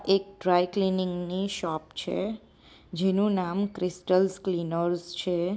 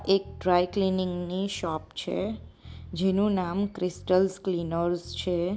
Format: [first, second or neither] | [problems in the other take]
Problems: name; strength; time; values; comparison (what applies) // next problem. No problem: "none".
first | background sound (Bass guitar); 18 dB below the speech